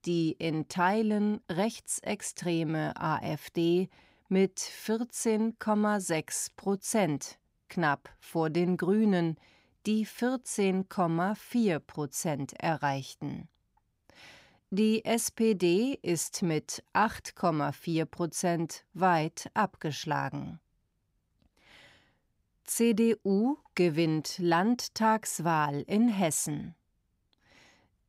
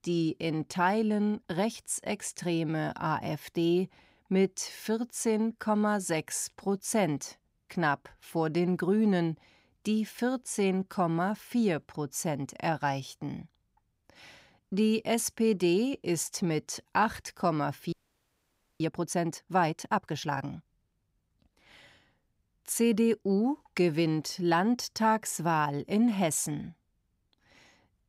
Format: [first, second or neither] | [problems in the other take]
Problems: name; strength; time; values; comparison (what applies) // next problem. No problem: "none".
first | audio freezing; at 18 s for 1 s